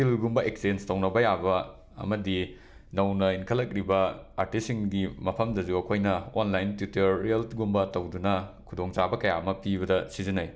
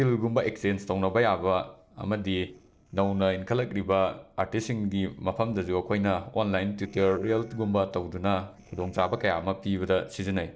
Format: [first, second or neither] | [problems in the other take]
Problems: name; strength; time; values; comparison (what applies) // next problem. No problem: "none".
first | noise reduction (neural separator model SepFormer DNS4)